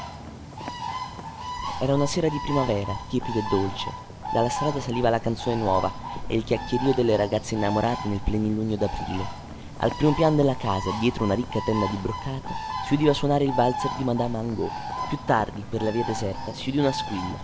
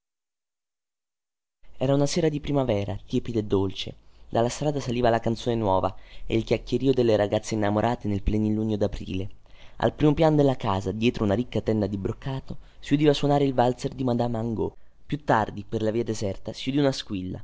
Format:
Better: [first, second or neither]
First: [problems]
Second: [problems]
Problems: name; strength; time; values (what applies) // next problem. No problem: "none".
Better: second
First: background sound (Bird); 8 dB below the speech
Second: none